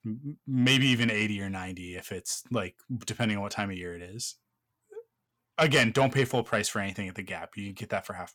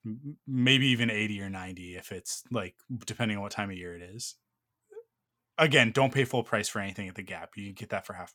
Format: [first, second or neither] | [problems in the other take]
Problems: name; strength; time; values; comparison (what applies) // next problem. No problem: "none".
second | distortion; slight; 10 dB below the speech